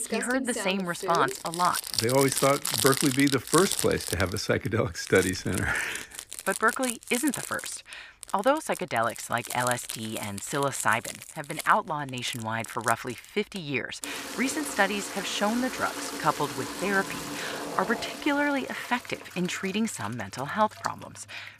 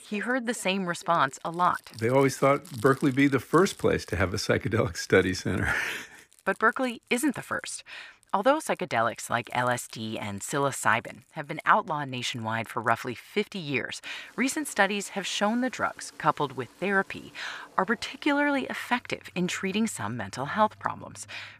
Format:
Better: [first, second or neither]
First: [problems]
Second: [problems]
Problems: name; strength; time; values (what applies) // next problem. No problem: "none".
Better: second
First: household noises; loud; throughout; 6 dB below the speech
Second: household noises; faint; throughout; 25 dB below the speech